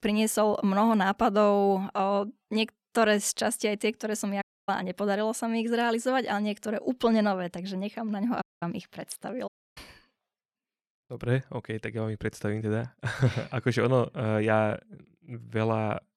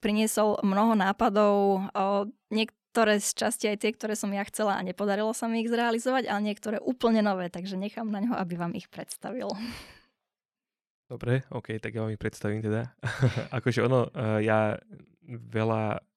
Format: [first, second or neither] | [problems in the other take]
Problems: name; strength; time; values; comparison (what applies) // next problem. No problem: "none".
second | audio cutting out; at 4.5 s, at 8.5 s and at 9.5 s